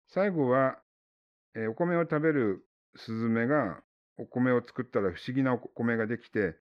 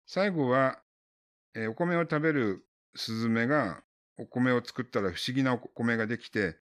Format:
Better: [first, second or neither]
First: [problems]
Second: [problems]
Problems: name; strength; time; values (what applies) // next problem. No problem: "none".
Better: second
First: muffled; slightly; fading above 3 kHz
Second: none